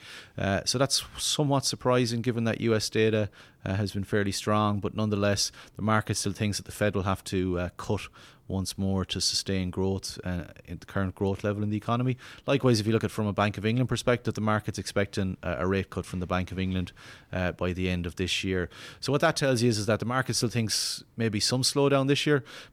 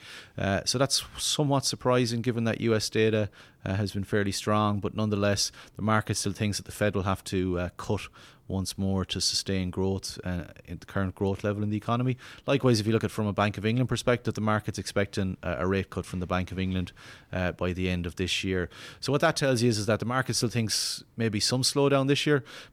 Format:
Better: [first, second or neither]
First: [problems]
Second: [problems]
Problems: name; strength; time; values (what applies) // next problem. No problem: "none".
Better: neither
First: none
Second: none